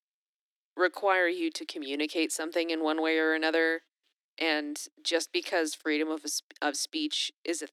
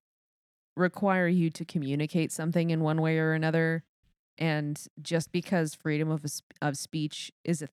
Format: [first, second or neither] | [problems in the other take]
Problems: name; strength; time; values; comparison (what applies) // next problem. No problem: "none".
second | thin; very; fading below 300 Hz